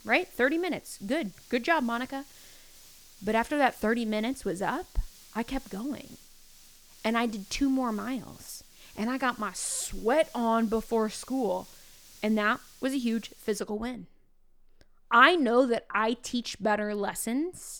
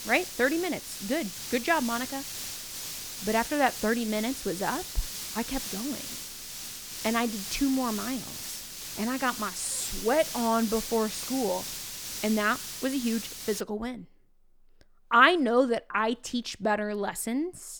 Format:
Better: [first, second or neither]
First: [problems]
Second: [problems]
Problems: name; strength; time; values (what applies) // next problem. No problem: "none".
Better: first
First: hiss; faint; until 14 s; 25 dB below the speech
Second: hiss; loud; until 14 s; 7 dB below the speech